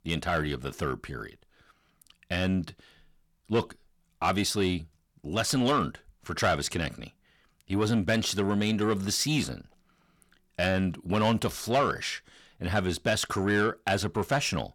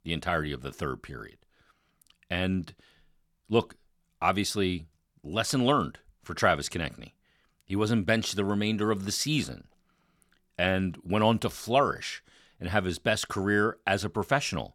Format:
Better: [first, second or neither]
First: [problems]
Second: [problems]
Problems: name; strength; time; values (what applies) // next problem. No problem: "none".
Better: second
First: distortion; slight; 10 dB below the speech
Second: none